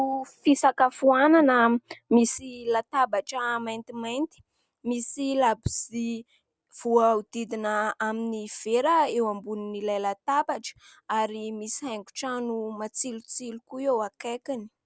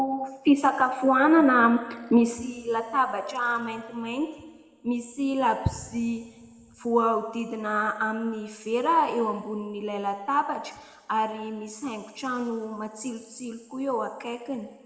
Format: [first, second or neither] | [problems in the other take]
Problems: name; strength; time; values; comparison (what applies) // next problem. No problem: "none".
first | room echo; dies away in 1.8 s